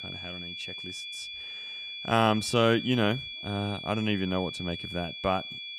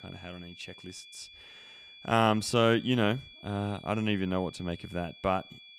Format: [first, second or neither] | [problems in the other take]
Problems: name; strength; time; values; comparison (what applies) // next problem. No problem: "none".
second | high-pitched whine; loud; throughout; 3.5 kHz, 9 dB below the speech; faint in the second